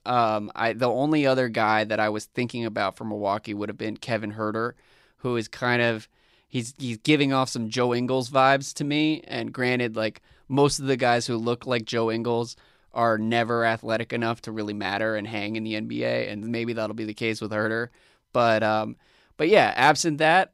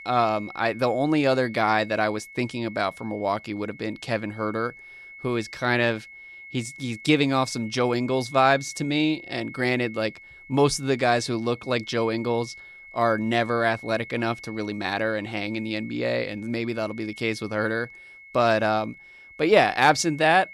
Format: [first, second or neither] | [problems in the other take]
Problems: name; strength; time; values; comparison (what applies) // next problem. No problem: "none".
first | high-pitched whine; noticeable; throughout; 2 kHz, 15 dB below the speech